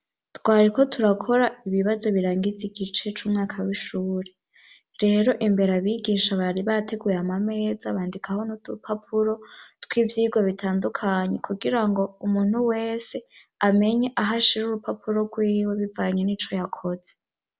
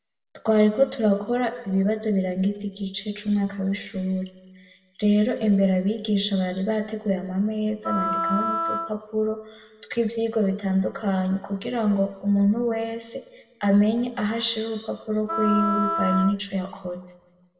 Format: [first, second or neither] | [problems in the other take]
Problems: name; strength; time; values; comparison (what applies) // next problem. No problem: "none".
first | background sound (Wind instrument, woodwind instrument); 4 dB below the speech // room echo; dies away in 1.2 s